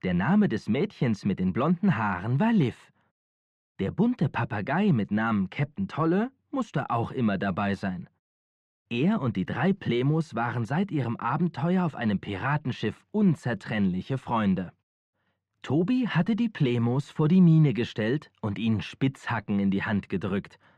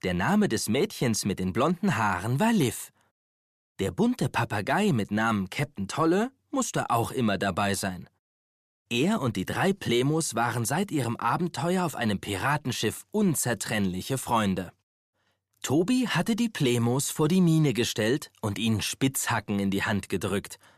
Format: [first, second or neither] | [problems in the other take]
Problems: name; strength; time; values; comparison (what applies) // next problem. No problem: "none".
second | muffled; slightly; fading above 2.5 kHz